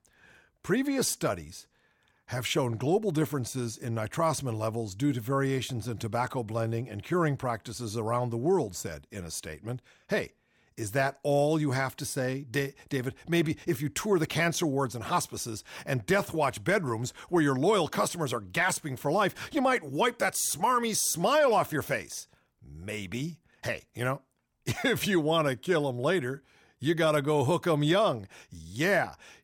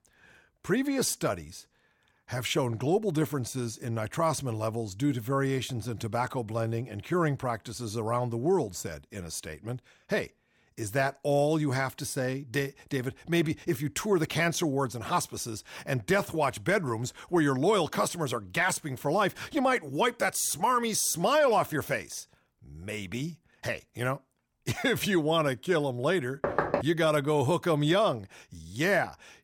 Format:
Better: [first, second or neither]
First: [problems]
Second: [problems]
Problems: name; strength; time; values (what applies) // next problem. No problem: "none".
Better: first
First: none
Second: door banging; loud; at 26 s; peak level with the speech